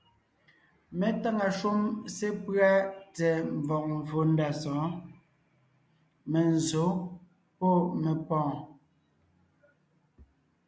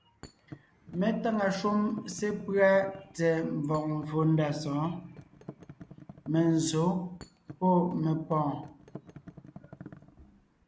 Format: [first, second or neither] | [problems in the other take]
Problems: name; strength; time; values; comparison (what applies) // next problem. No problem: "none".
first | background sound (Thump, thud); 20 dB below the speech